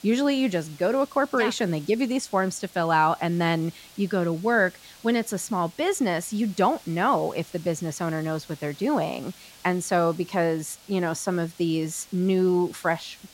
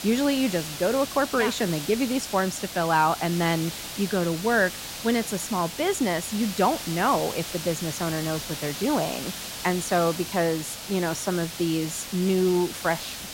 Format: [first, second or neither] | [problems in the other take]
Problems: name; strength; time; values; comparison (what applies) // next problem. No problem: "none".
first | hiss; loud; throughout; 8 dB below the speech; faint in the first